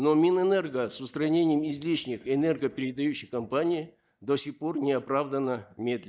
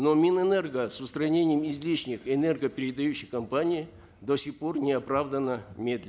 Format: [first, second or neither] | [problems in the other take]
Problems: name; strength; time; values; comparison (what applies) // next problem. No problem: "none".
second | noise reduction (neural mask model DeepFilterNet 3)